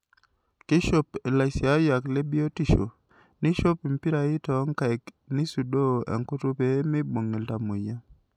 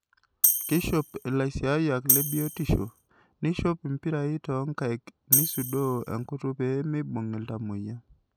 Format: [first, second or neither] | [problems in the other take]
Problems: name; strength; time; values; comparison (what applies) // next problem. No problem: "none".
first | background sound (Tambourine); 1 dB above the speech